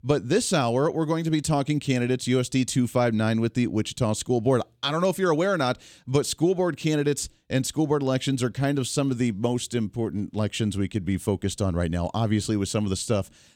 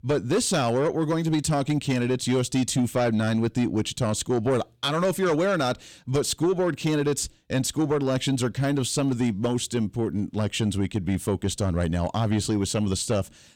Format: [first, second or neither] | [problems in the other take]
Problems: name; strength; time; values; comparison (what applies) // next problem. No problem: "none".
first | distortion; slight; 10 dB below the speech